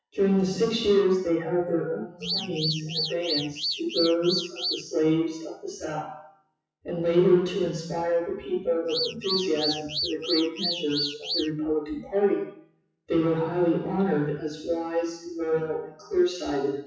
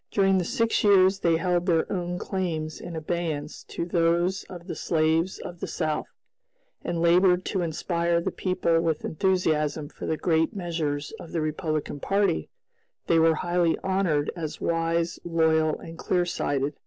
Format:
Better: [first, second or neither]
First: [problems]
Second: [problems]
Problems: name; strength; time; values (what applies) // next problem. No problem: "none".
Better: second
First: noise reduction (classical method WPE with log-MMSE)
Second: none